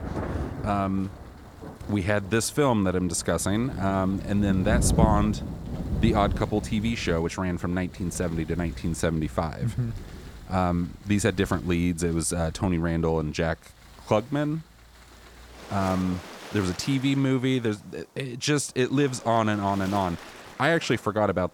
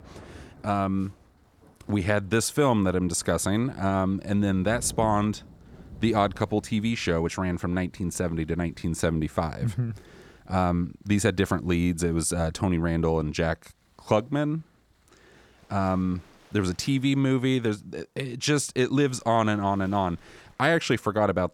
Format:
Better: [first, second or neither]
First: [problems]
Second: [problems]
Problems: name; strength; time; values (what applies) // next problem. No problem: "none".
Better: second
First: rain or running water; loud; throughout; 8 dB below the speech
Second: rain or running water; faint; throughout; 25 dB below the speech